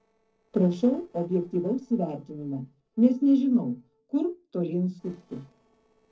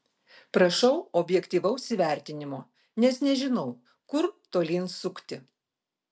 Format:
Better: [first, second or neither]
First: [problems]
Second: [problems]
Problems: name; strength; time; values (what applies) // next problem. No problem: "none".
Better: second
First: noise reduction (neural separator model SepFormer DNS4)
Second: none